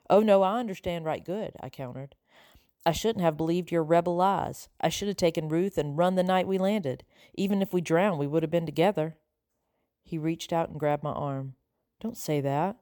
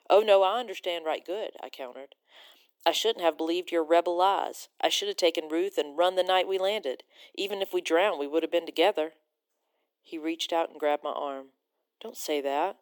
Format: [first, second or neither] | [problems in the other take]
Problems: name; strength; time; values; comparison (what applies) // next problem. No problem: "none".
first | thin; very; fading below 300 Hz